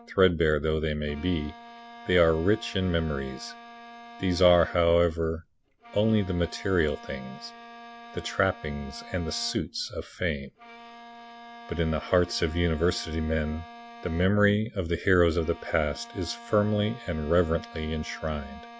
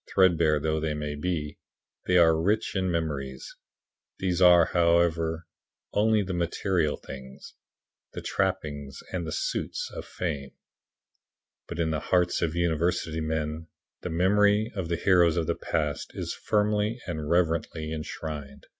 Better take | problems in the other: second | background sound (Bowed string instrument); 19 dB below the speech

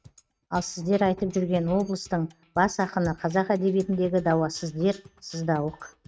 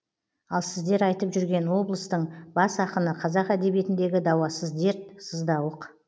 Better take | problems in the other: second | noise reduction (neural mask model RNNoise)

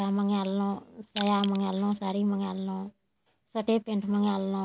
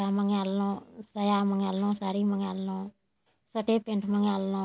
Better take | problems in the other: second | background sound (Crushing); 12 dB below the speech

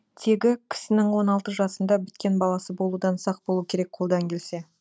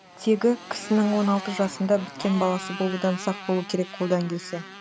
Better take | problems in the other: first | background sound (Motorcycle); 13 dB below the speech

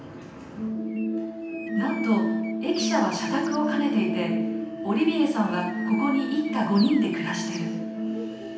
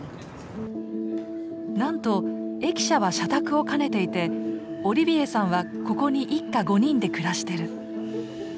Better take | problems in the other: second | background sound (Bird); 18 dB below the speech // room echo; dies away in 0.9 s

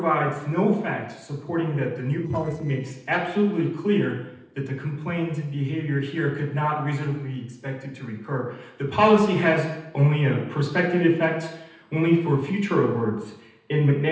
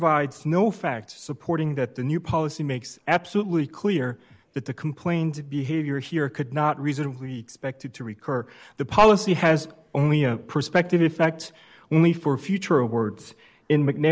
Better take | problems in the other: second | noise reduction (neural separator model SepFormer DNS4)

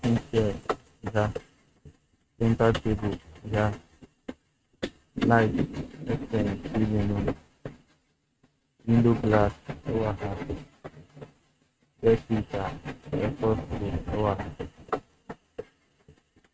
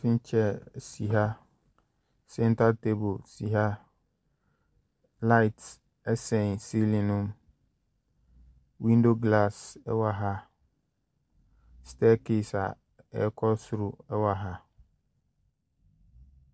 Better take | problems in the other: second | noise reduction (neural mask model RNNoise)

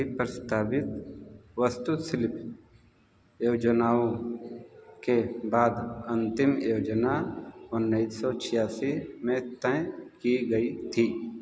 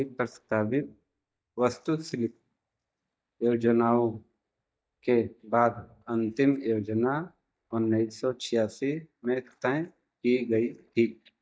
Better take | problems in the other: first | noise reduction (neural mask model DeepFilterNet 3)

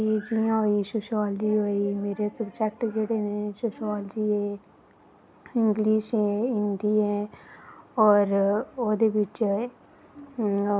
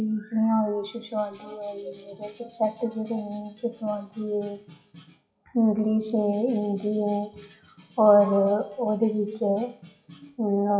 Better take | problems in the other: first | noise reduction (classical method WPE with log-MMSE)

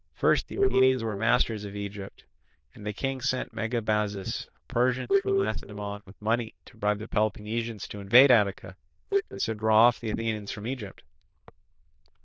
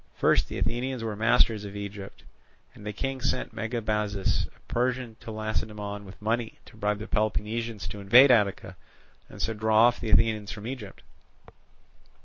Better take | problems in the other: second | noise reduction (neural diffusion model UNIVERSE++)

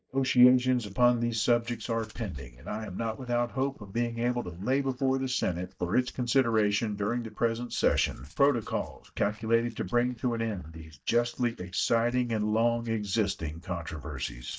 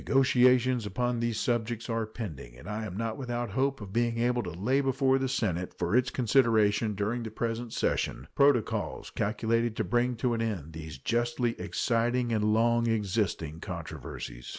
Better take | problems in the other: second | noise reduction (neural mask model DeepFilterNet 3)

